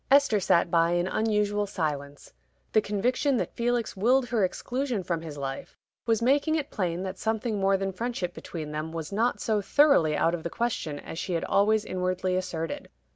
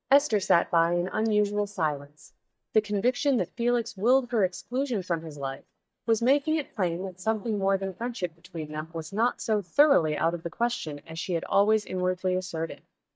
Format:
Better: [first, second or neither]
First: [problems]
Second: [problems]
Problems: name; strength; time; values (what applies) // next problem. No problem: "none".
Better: first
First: none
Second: noise reduction (neural mask model DeepFilterNet 3)